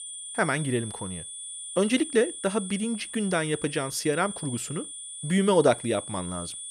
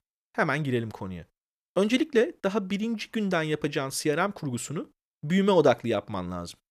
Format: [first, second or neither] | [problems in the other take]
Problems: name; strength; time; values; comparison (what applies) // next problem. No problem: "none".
second | high-pitched whine; loud; throughout; 9 kHz, 9 dB below the speech